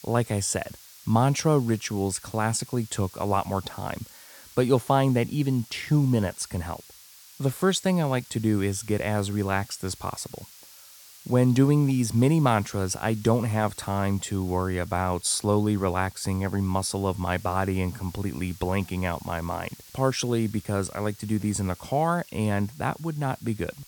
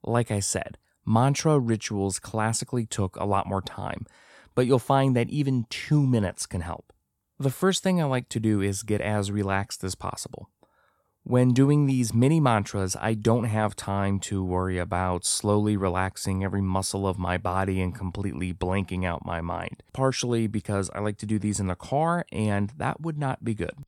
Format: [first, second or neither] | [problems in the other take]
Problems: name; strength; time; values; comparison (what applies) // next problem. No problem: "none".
second | hiss; faint; throughout; 20 dB below the speech